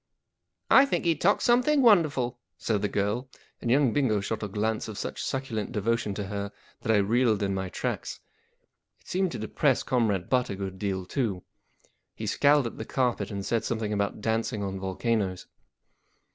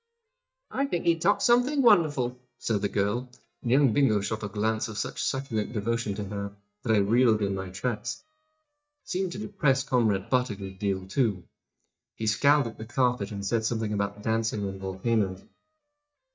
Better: first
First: none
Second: noise reduction (neural mask model DeepFilterNet 3)

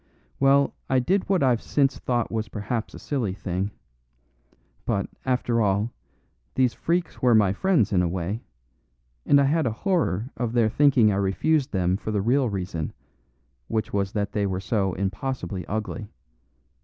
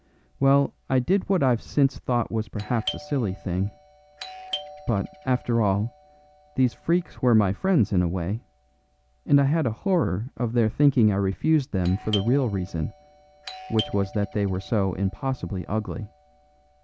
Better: first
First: none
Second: background sound (Doorbell); 18 dB below the speech

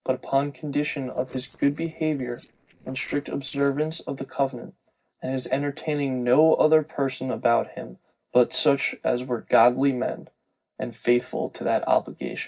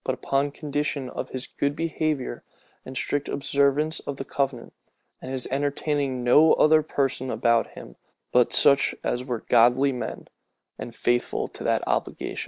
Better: second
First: noise reduction (neural separator model SepFormer DNS4)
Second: none

